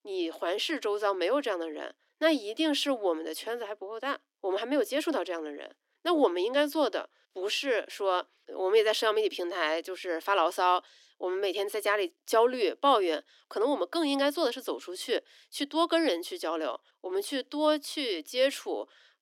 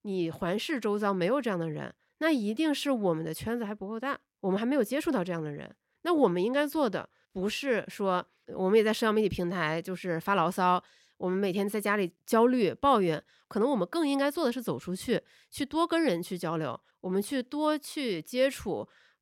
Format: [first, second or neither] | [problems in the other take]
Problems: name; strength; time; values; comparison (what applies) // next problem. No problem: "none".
second | thin; very slightly; fading below 300 Hz